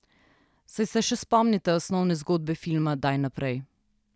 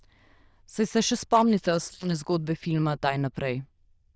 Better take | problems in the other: first | noise reduction (neural diffusion model UNIVERSE++)

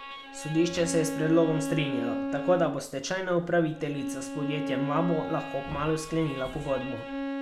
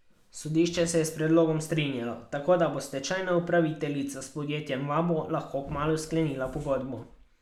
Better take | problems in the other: second | background sound (Bowed string instrument); 6 dB below the speech

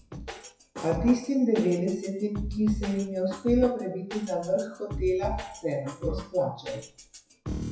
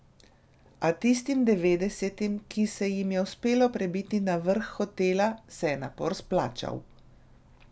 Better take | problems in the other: second | noise reduction (classical method WPE with log-MMSE)

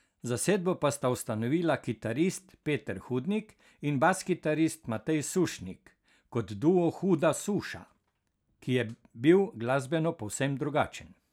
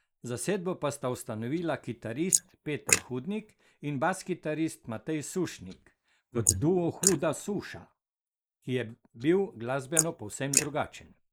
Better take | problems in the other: first | noise reduction (neural mask model Resemble Enhance denoiser)

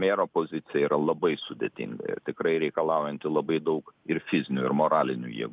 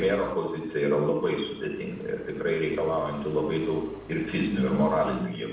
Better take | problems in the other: first | background sound (Accelerating, revving, vroom); 19 dB below the speech // room echo; dies away in 0.7 s

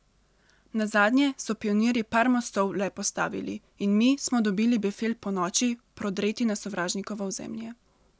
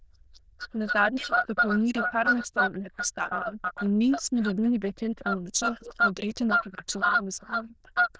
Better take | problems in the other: first | noise reduction (neural diffusion model UNIVERSE++)

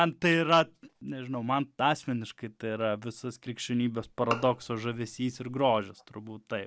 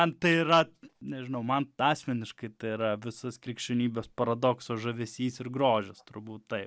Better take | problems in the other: second | background sound (Bowed string instrument); 11 dB below the speech

